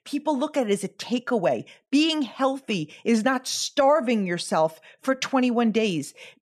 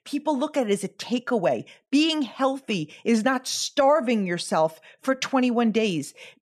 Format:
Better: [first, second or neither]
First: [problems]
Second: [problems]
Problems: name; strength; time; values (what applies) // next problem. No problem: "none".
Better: neither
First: none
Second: none